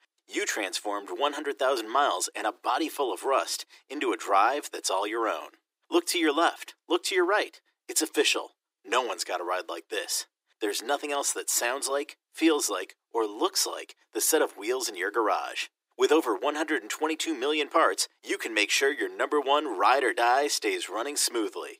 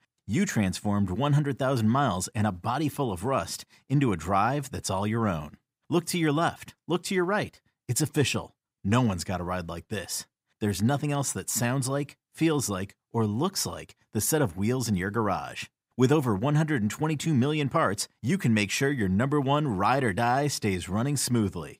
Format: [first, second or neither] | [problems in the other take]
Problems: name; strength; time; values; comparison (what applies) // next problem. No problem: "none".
second | thin; very; fading below 300 Hz